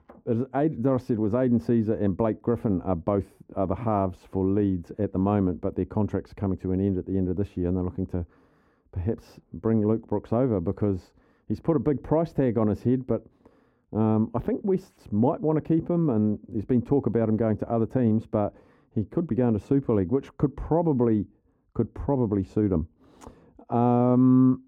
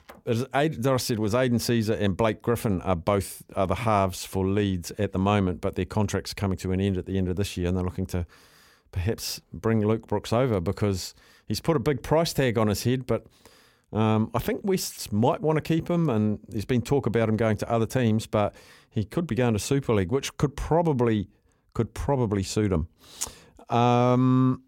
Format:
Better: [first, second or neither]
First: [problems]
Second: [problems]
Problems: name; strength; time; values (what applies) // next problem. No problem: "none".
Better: second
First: muffled; very; fading above 2 kHz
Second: none